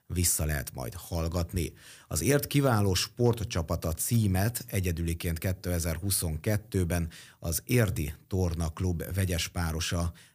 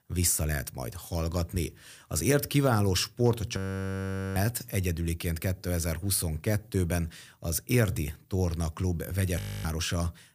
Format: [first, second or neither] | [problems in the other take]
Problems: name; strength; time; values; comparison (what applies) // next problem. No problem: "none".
first | audio freezing; at 3.5 s for 1 s and at 9.5 s